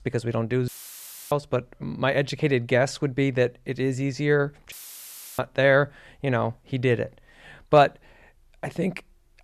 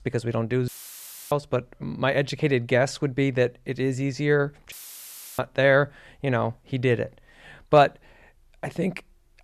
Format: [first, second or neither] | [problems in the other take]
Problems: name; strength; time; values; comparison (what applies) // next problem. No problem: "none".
neither | audio cutting out; filled with static; at 0.5 s for 0.5 s and at 4.5 s for 0.5 s; the same in both